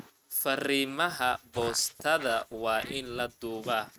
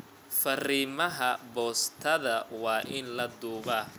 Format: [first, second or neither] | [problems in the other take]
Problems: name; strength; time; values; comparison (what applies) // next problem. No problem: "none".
second | noise reduction (neural mask model RNNoise)